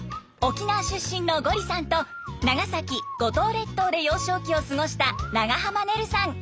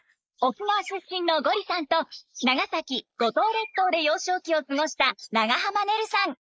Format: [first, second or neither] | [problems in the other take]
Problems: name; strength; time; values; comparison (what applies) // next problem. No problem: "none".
first | noise reduction (neural mask model Resemble Enhance denoiser)